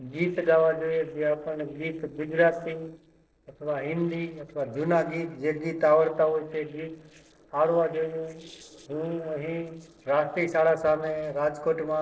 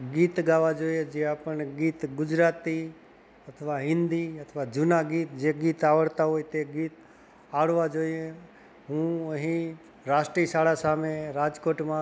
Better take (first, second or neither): second